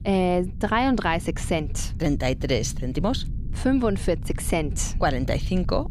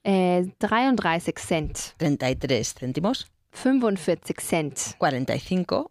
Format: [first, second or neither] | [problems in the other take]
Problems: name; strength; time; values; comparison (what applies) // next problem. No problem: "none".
second | low rumble; faint; throughout; 20 dB below the speech